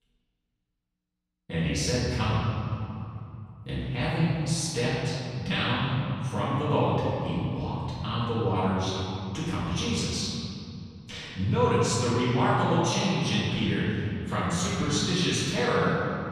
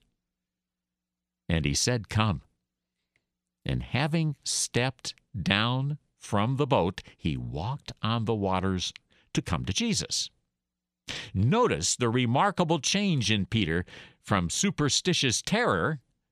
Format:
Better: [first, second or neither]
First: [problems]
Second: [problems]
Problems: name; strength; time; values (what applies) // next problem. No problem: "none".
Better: second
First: off-mic speech; far // room echo; strong; dies away in 2.7 s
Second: none